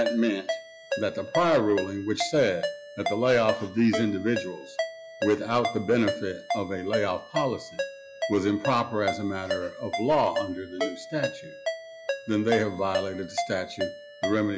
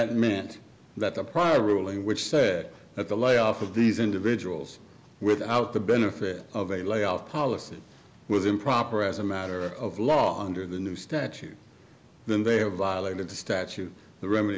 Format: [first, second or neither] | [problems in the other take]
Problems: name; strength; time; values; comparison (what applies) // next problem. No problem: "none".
second | noise reduction (classical method log-MMSE)